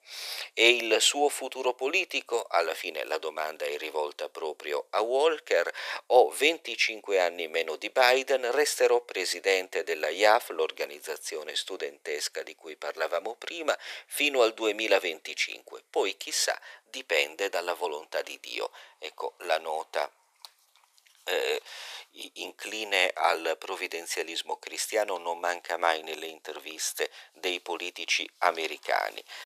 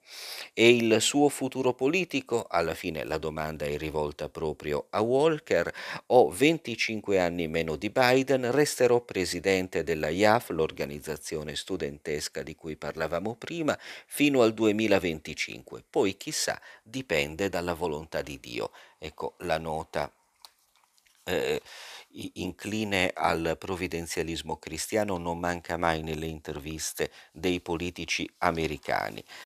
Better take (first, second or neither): second